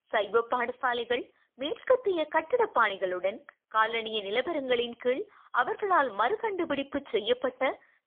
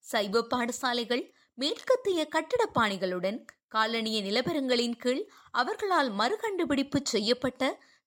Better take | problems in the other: second | phone-call audio; poor line; nothing above 3.5 kHz

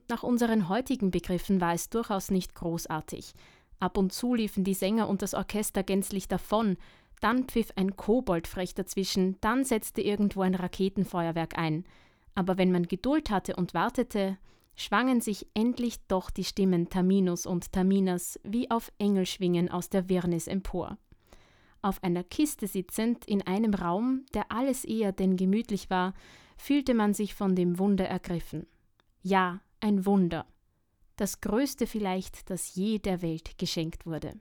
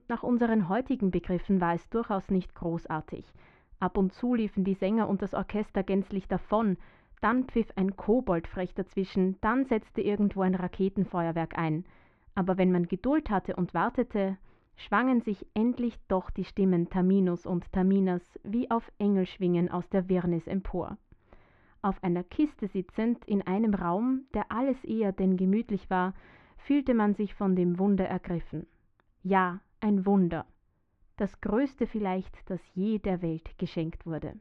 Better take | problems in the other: first | muffled; very; fading above 2.5 kHz

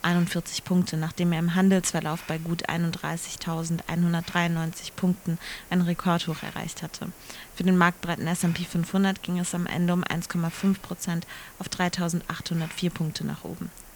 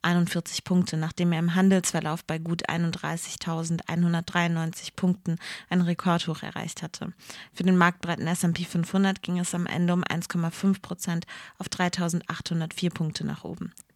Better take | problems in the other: second | hiss; noticeable; throughout; 20 dB below the speech

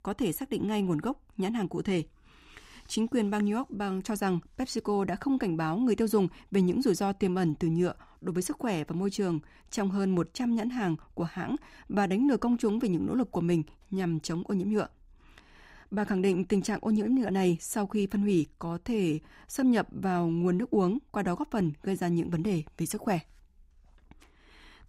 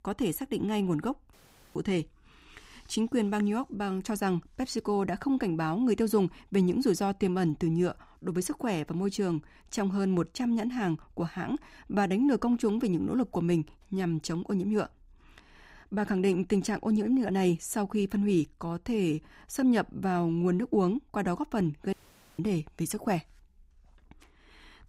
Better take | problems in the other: first | audio cutting out; at 1.5 s and at 22 s

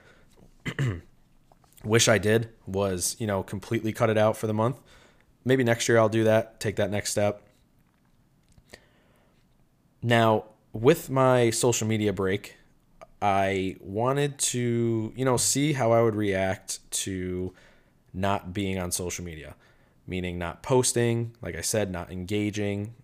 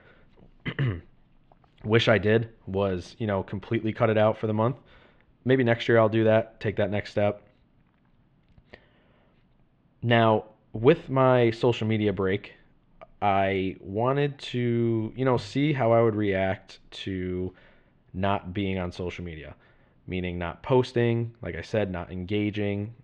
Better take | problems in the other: first | muffled; very; fading above 3 kHz

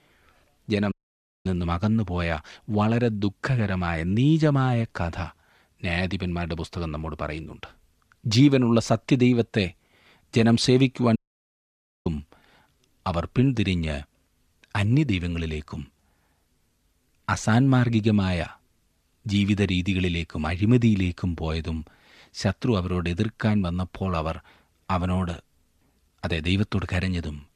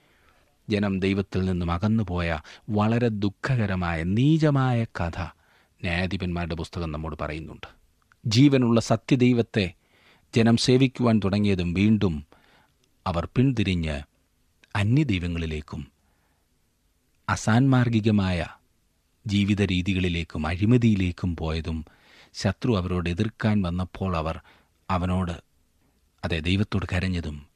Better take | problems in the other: second | audio cutting out; at 1 s for 0.5 s and at 11 s for 1 s

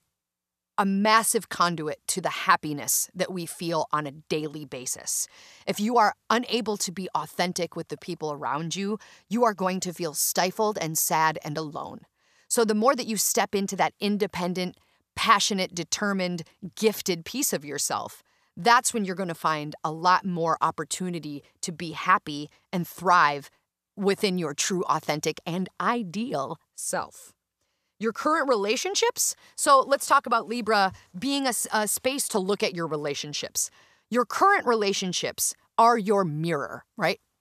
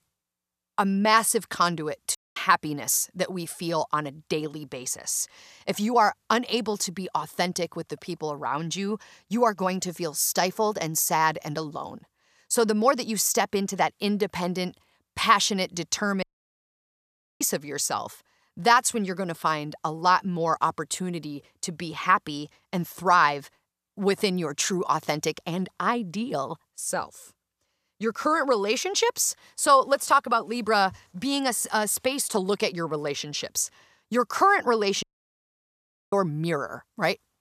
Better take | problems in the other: first | audio cutting out; at 2 s, at 16 s for 1 s and at 35 s for 1 s

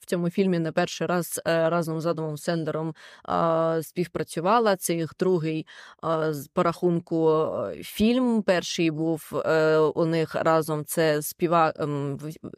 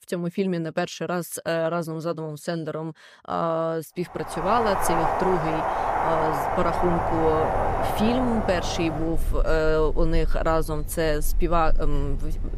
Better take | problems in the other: first | wind in the background; loud; from 4.5 s on; 1 dB below the speech

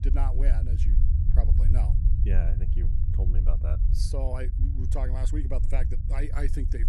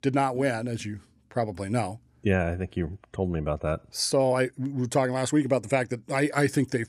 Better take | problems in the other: second | low rumble; loud; throughout; 4 dB below the speech

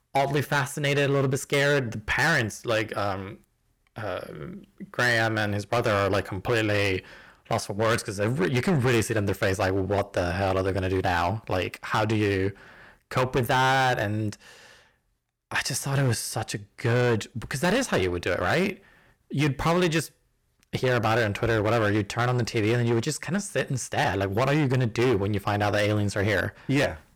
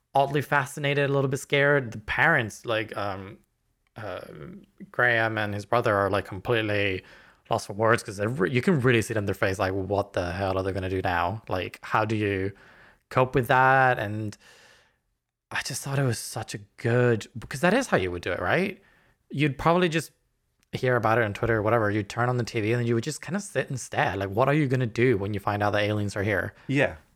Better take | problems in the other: second | distortion; heavy; 11% of the sound clipped

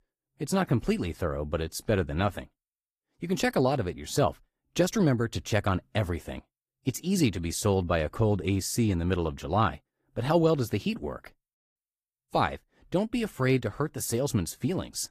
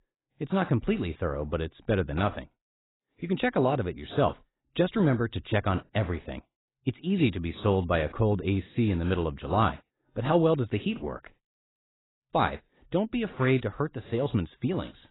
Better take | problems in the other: first | garbled, watery; badly; nothing above 4 kHz; slightly in the first

